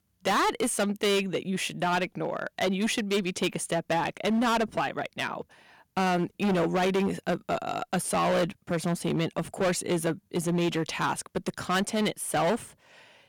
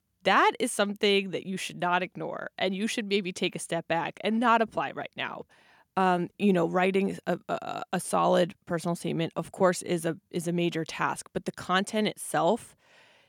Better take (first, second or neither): second